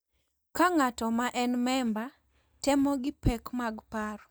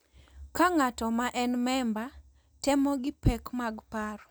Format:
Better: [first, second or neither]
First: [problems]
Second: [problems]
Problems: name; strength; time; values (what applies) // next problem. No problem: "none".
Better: second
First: noise reduction (neural mask model DeepFilterNet 3)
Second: none